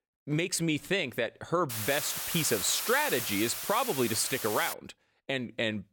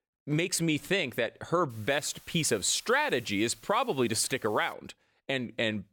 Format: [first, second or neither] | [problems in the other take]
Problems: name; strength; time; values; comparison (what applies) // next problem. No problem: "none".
second | hiss; loud; from 1.5 to 4.5 s; 3 dB below the speech; faint in the second